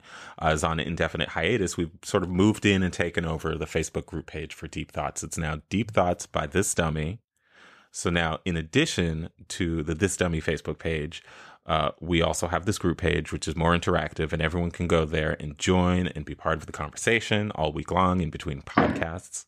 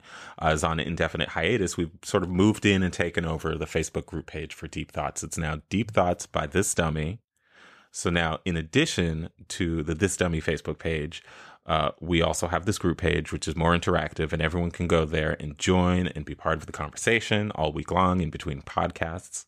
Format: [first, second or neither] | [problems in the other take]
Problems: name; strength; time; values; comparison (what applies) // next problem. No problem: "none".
second | door banging; loud; at 19 s; peak 1 dB above the speech